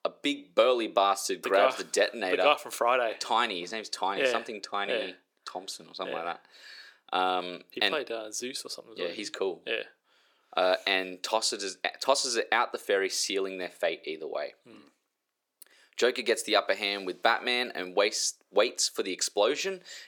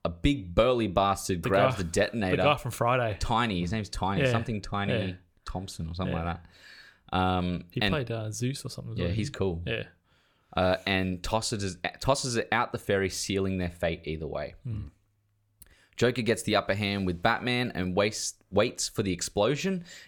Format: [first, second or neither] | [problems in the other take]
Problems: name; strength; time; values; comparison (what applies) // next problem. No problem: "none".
second | thin; somewhat; fading below 350 Hz